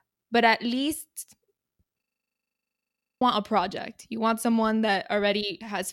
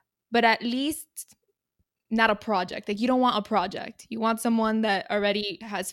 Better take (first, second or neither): second